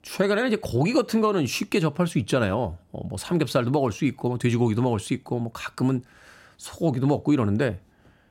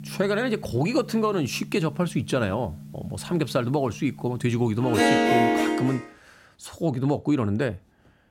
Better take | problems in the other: first | background music; very loud; until 5.5 s; 3 dB above the speech

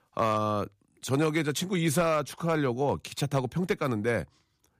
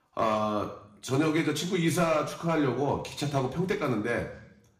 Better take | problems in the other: first | room echo; slight; dies away in 0.7 s // off-mic speech; somewhat distant

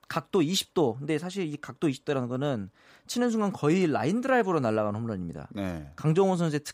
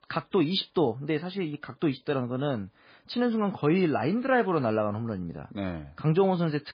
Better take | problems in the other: first | garbled, watery; badly; nothing above 4 kHz

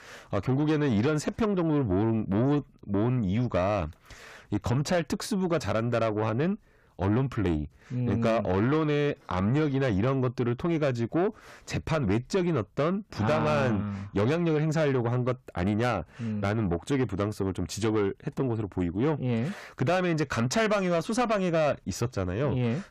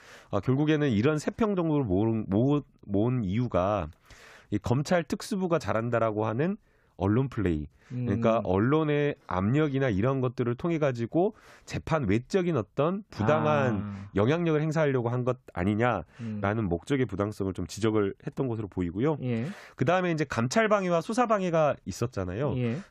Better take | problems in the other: second | distortion; slight; 10 dB below the speech

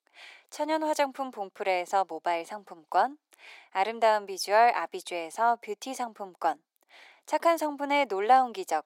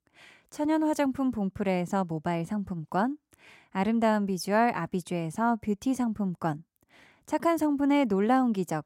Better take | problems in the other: second | thin; very; fading below 400 Hz

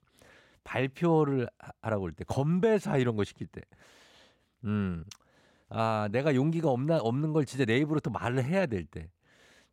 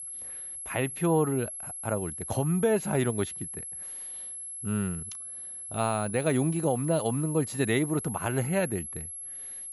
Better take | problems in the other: first | high-pitched whine; loud; throughout; 11 kHz, 7 dB below the speech

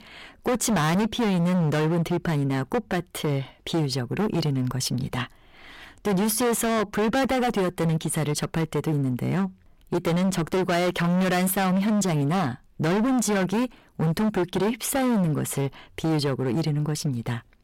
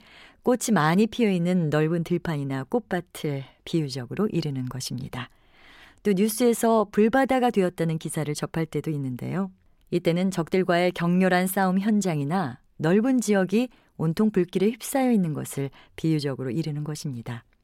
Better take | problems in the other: second | distortion; heavy; 24% of the sound clipped

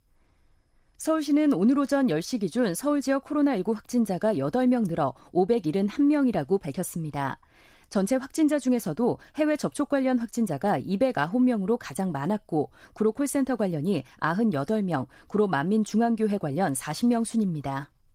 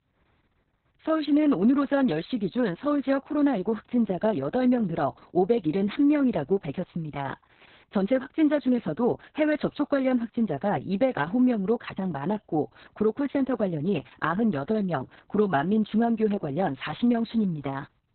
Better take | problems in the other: first | garbled, watery; badly; nothing above 4 kHz; slightly in the first

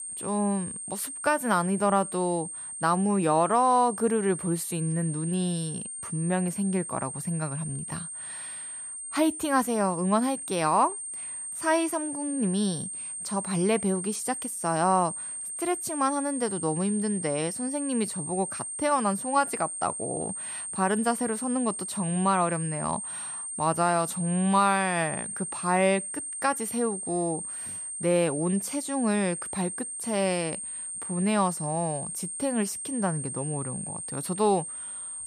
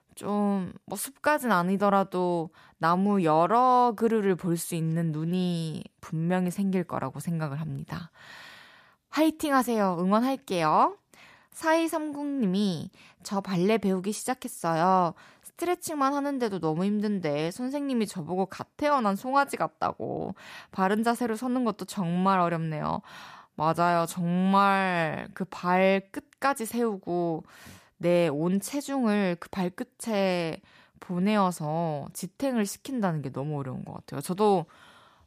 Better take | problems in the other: second | high-pitched whine; loud; throughout; 8.5 kHz, 6 dB below the speech

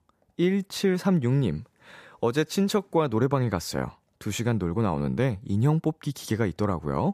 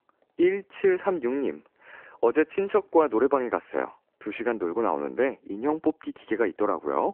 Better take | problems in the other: first | phone-call audio

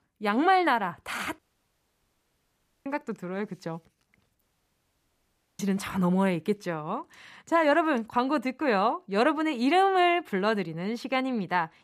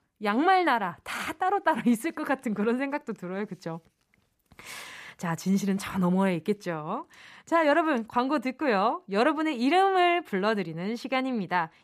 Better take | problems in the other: second | audio cutting out; at 1.5 s for 1.5 s and at 4.5 s for 1 s

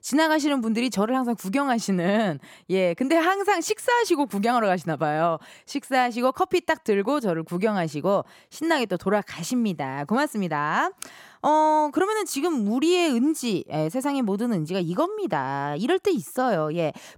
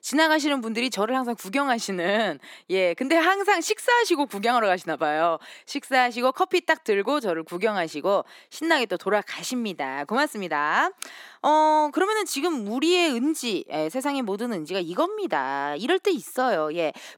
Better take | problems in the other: first | thin; very slightly; fading below 250 Hz

